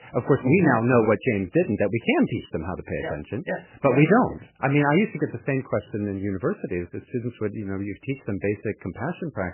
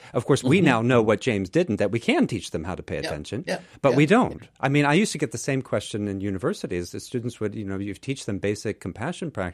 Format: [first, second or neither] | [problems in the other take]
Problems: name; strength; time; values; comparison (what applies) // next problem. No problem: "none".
second | garbled, watery; badly; nothing above 3 kHz